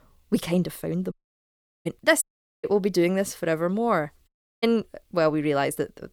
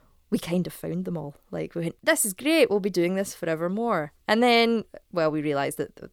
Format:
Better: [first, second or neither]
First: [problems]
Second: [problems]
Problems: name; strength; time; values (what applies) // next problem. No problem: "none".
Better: second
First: audio cutting out; at 1 s for 0.5 s, at 2 s and at 4.5 s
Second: none